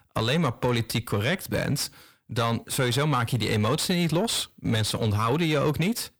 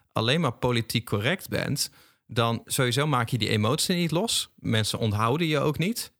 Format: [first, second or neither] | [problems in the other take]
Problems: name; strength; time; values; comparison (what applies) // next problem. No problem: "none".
second | distortion; slight; 10 dB below the speech